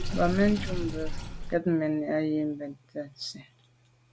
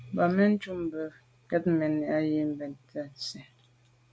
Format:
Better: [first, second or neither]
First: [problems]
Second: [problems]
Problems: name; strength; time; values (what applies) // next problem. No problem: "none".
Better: second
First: background sound (Sink (filling or washing) / Water); 6 dB below the speech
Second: none